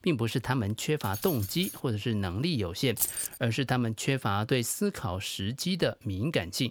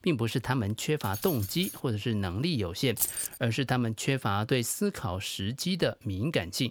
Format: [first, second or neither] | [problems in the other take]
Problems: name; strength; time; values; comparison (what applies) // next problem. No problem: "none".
neither | jangling keys; noticeable; at 1 s; peak 7 dB below the speech; the same in both // jangling keys; loud; at 3 s; peak 1 dB above the speech; the same in both